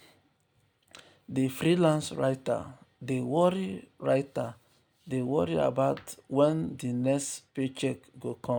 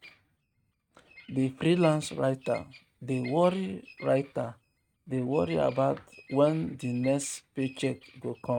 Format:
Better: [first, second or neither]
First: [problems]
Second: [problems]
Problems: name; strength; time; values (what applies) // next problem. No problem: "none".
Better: first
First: none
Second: noise reduction (neural mask model RNNoise)